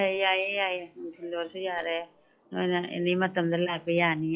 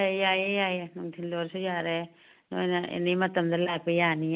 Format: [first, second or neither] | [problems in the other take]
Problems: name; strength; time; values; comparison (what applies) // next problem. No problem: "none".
second | noise reduction (classical method log-MMSE)